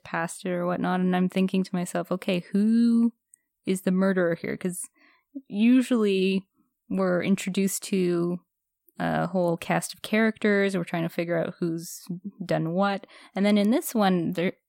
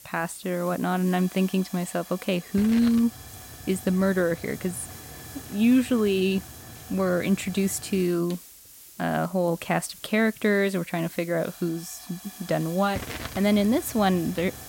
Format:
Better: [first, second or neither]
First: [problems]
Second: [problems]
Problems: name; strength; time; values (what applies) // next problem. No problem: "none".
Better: first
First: none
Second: hiss; noticeable; throughout; 15 dB below the speech